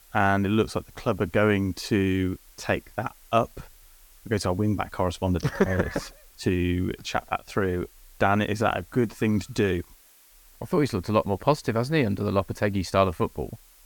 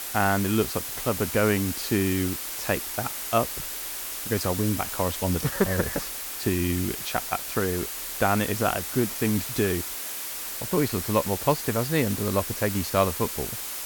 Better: first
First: hiss; faint; throughout; 25 dB below the speech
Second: hiss; loud; throughout; 4 dB below the speech

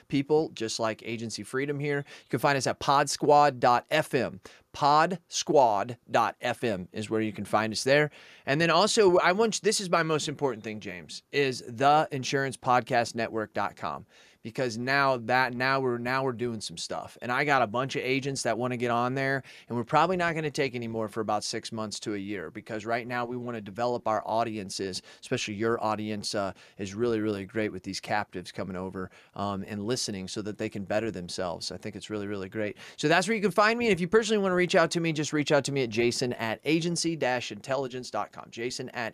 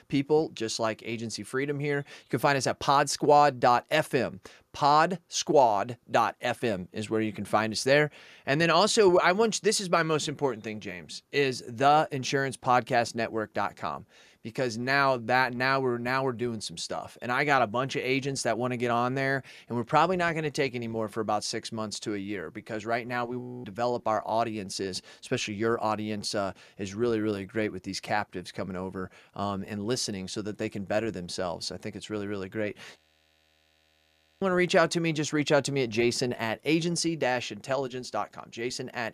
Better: first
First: none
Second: audio freezing; at 23 s and at 33 s for 1.5 s

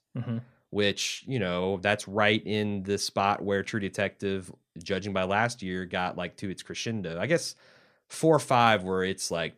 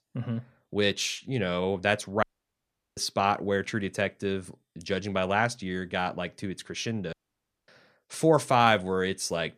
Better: first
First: none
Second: audio cutting out; at 2 s for 0.5 s and at 7 s for 0.5 s

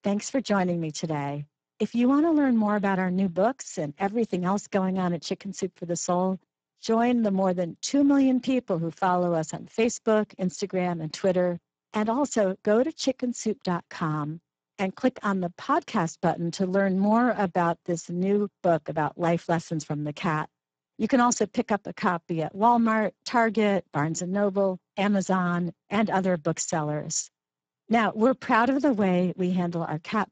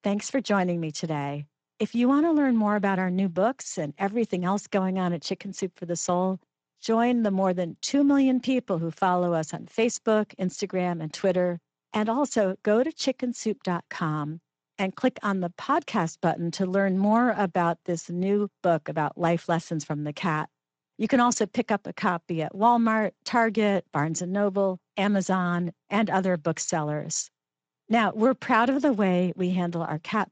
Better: second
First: garbled, watery; badly; nothing above 7.5 kHz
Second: garbled, watery; slightly; nothing above 7.5 kHz

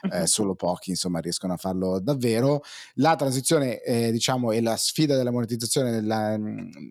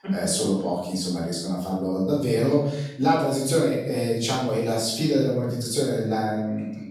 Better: first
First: none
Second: off-mic speech; far // room echo; noticeable; dies away in 0.8 s

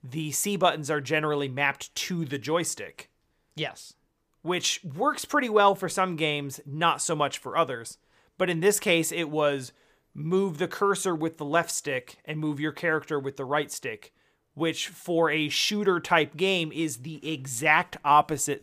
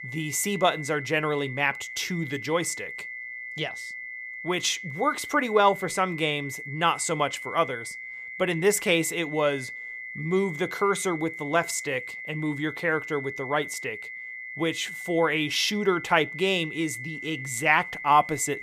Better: first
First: none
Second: high-pitched whine; loud; throughout; 2 kHz, 9 dB below the speech

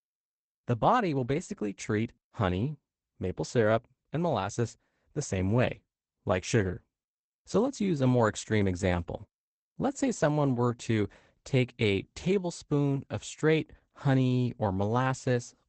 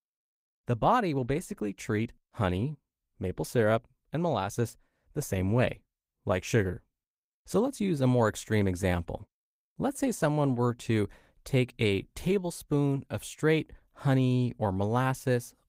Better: second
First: garbled, watery; badly; nothing above 8 kHz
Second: garbled, watery; slightly; nothing above 15.5 kHz

